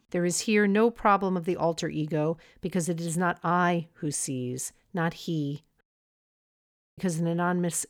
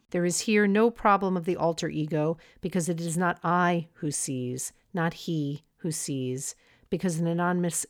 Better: second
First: audio cutting out; at 6 s for 1 s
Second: none

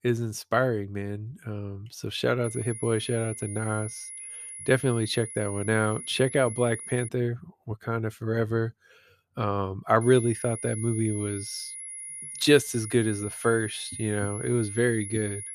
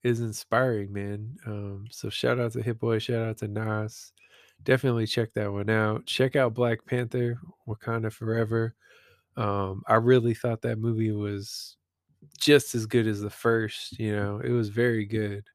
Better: second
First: high-pitched whine; loud; from 2.5 to 7 s and from 10 s on; 10.5 kHz, 9 dB below the speech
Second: none

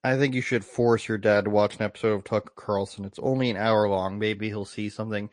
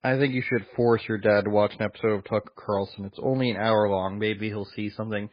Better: first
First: garbled, watery; slightly; nothing above 9 kHz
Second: garbled, watery; badly; nothing above 5 kHz

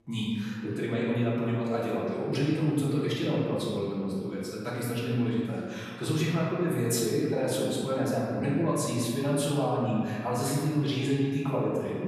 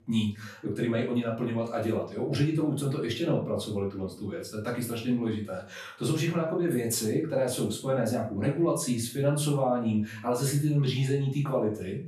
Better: second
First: room echo; strong; dies away in 1.9 s // off-mic speech; far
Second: room echo; slight; dies away in 0.4 s // off-mic speech; far

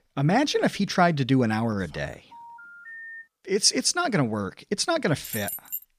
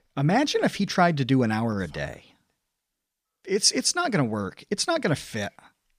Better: second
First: phone ringing; faint; at 2.5 s; peak 15 dB below the speech // jangling keys; noticeable; at 5 s; peak 8 dB below the speech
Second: none

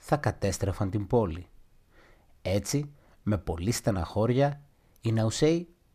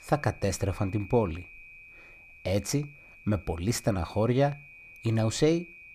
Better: first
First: none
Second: high-pitched whine; noticeable; throughout; 2.5 kHz, 20 dB below the speech

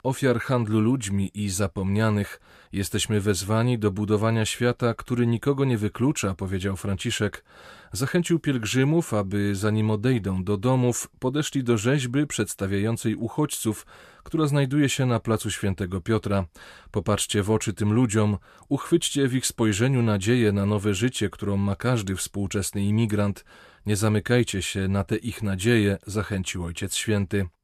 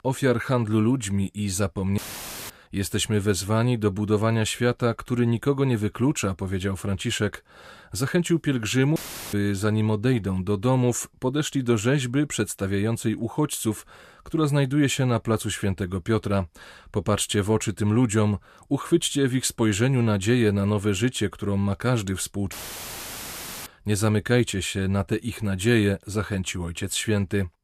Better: first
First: none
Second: audio cutting out; filled with static; at 2 s for 0.5 s, at 9 s and at 23 s for 1 s

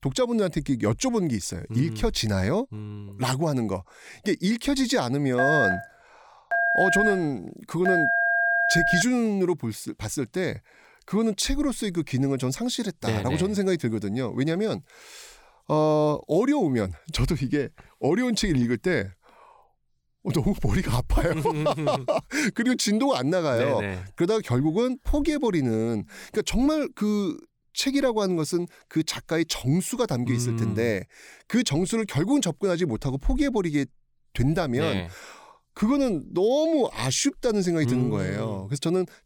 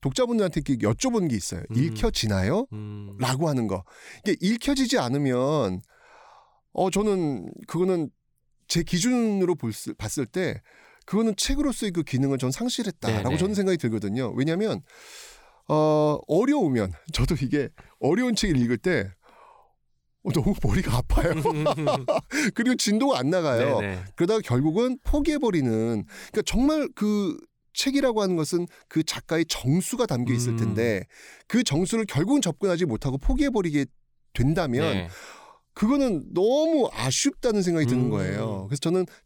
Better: second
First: phone ringing; loud; from 5.5 to 9 s; peak 4 dB above the speech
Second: none

